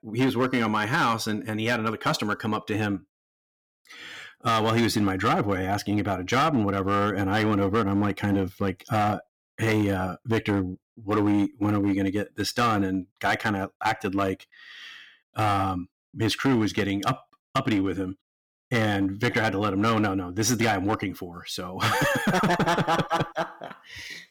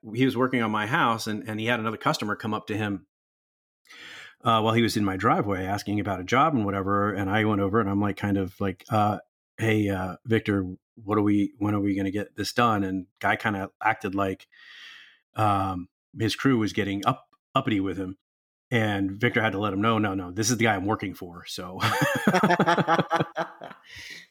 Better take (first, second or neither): second